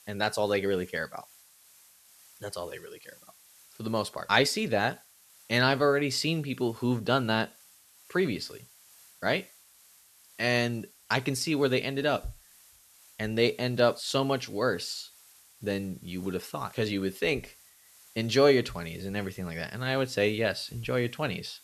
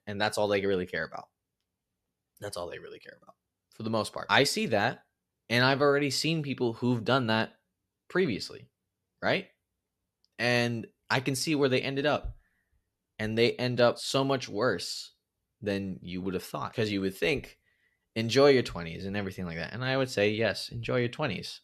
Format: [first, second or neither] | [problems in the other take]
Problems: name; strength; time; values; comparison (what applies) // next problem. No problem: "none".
second | hiss; faint; throughout; 25 dB below the speech